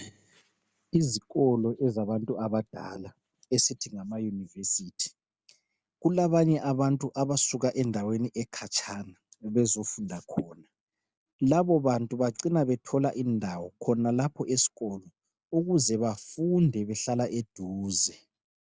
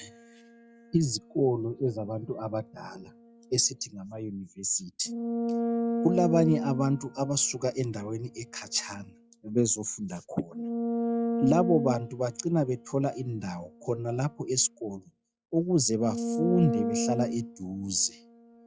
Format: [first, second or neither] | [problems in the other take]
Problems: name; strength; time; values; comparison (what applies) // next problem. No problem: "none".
first | noise reduction (classical method log-MMSE)